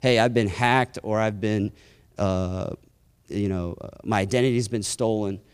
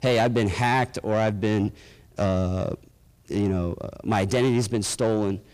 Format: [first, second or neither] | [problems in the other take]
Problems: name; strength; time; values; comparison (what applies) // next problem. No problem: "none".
first | distortion; slight; 10 dB below the speech